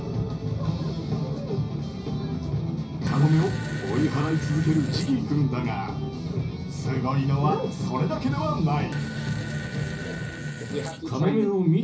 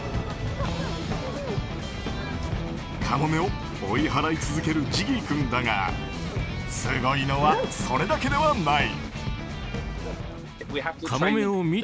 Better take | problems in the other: second | background sound (Fart); 14 dB below the speech // room echo; dies away in 0.5 s

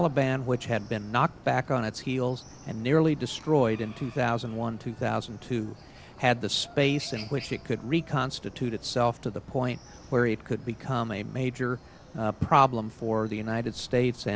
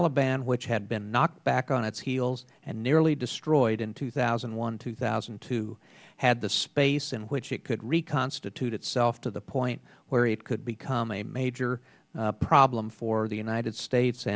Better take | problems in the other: second | background sound (Chicken, rooster); 20 dB below the speech

